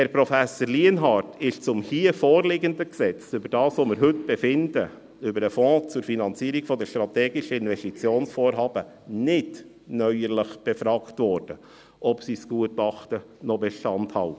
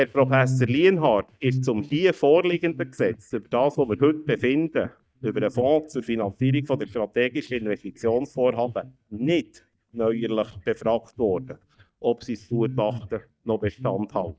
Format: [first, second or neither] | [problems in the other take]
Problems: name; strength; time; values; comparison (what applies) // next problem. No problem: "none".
first | noise reduction (neural mask model DeepFilterNet 3)